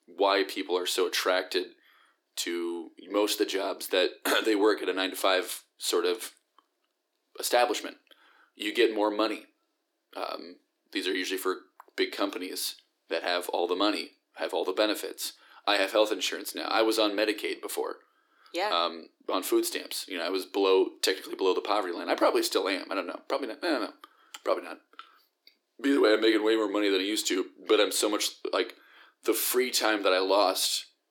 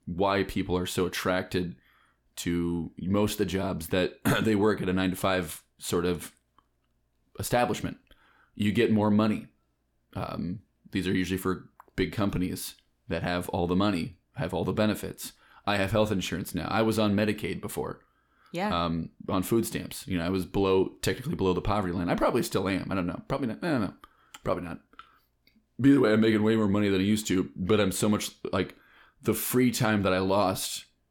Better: second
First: thin; somewhat; fading below 300 Hz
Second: none

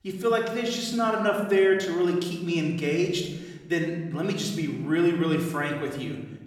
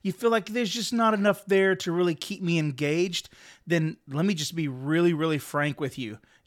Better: second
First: room echo; noticeable; dies away in 1 s // off-mic speech; somewhat distant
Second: none

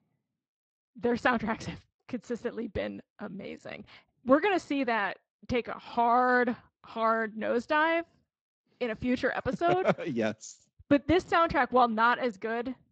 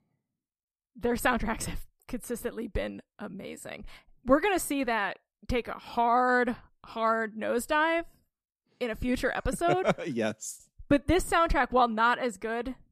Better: second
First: garbled, watery; slightly; nothing above 7.5 kHz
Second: none

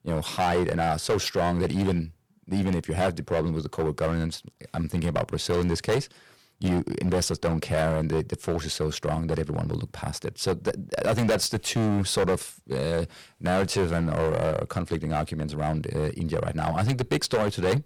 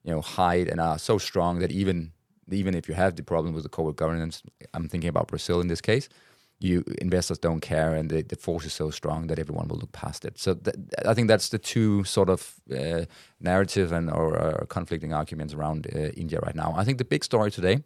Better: second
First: distortion; heavy; 9% of the sound clipped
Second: none

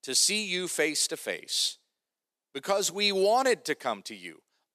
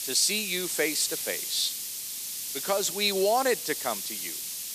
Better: first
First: none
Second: hiss; loud; throughout; 5 dB below the speech

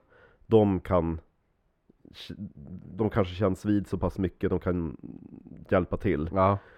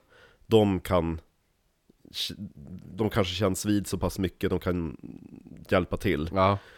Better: second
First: muffled; very; fading above 2.5 kHz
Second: none

